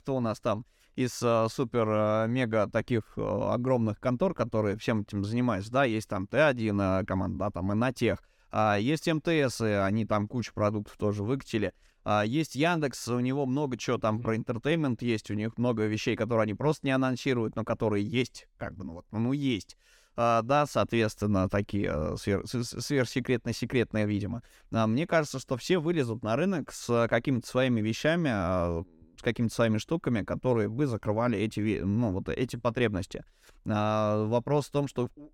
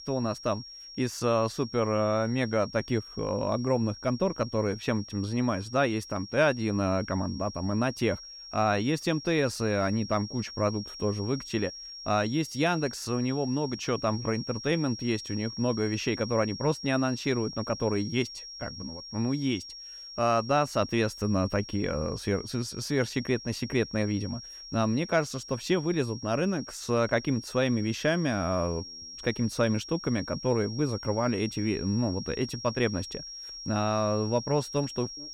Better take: first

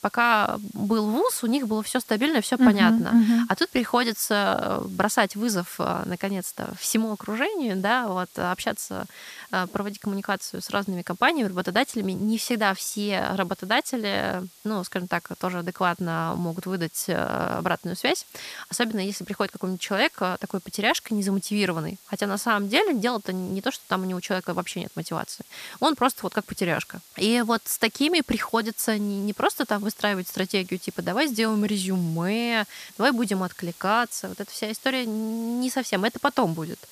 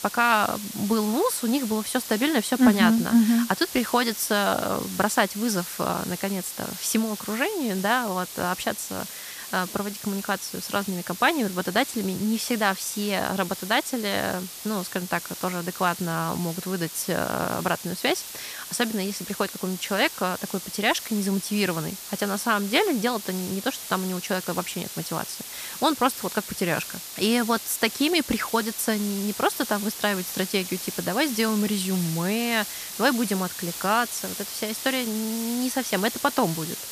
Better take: first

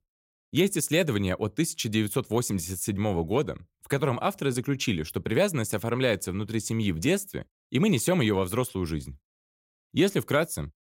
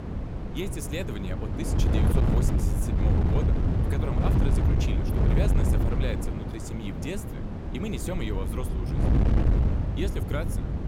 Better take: first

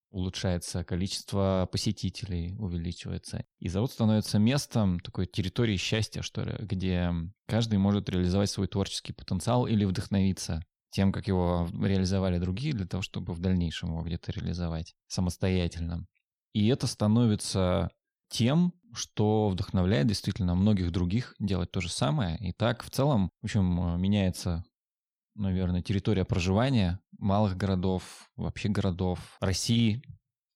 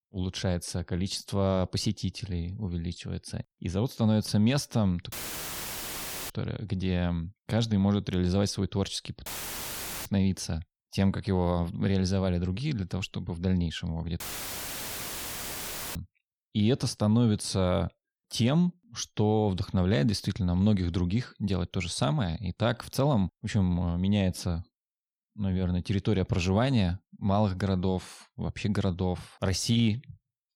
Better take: first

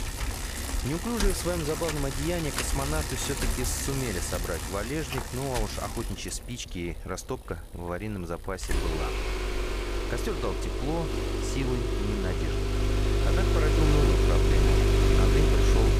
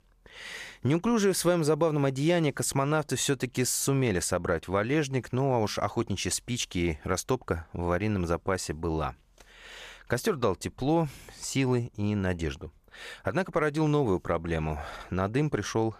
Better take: second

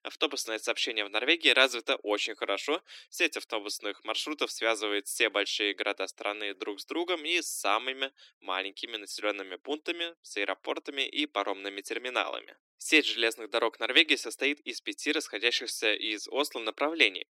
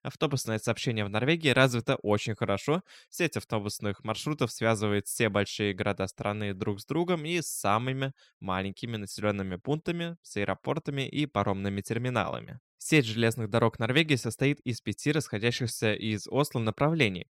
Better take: second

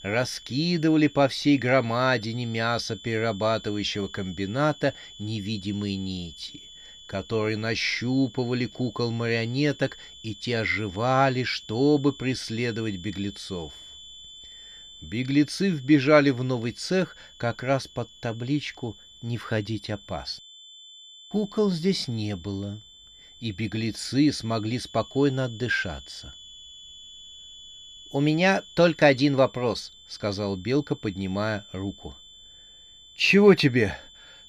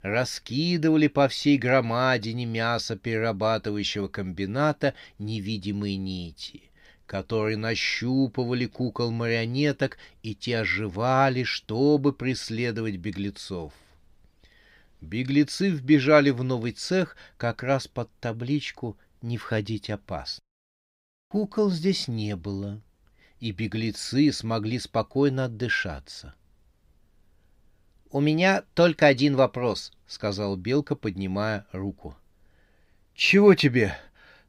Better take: second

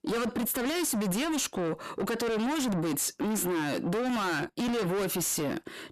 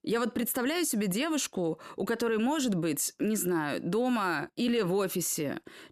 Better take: second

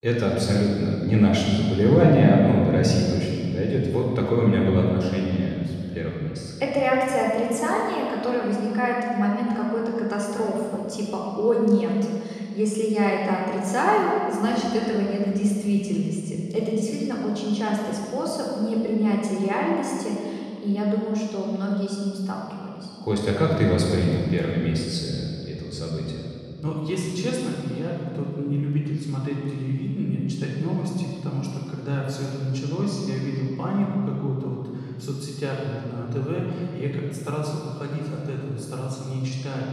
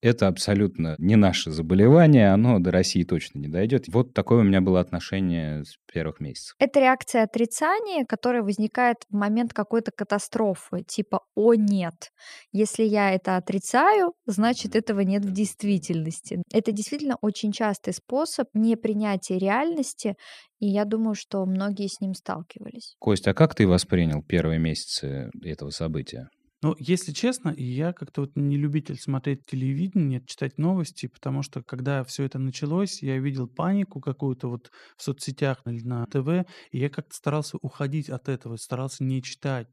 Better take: second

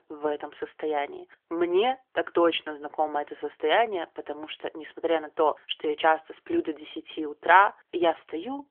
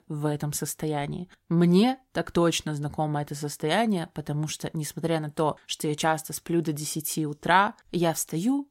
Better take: second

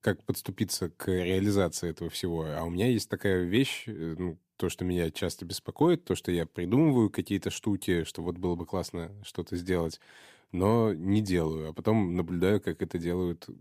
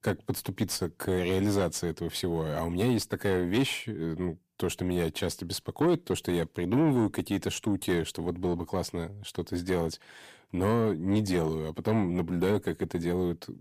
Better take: first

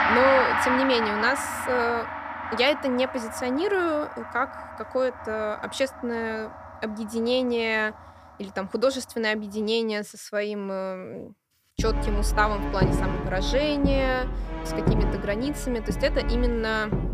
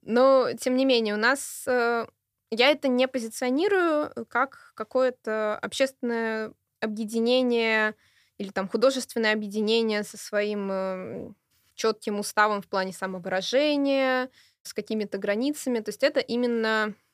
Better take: second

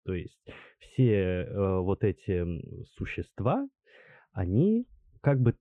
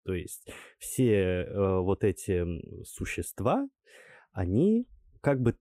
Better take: second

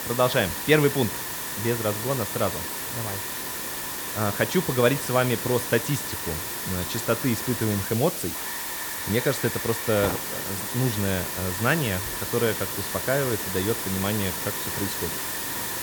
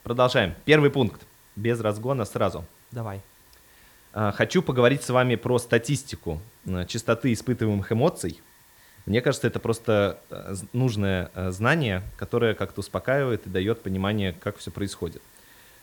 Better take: second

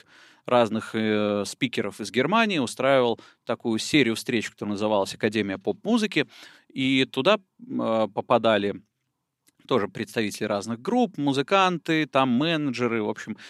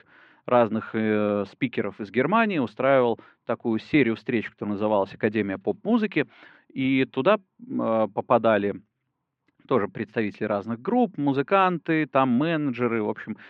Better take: first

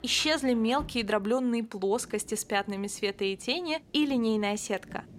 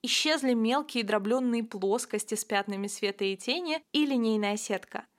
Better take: second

